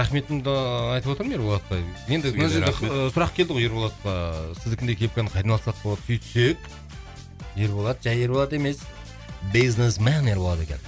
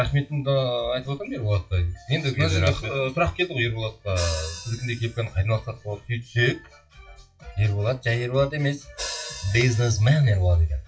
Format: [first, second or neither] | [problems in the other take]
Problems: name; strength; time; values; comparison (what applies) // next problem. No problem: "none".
first | noise reduction (classical method WPE with log-MMSE)